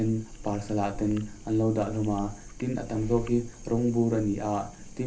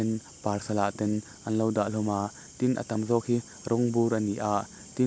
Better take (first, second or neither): second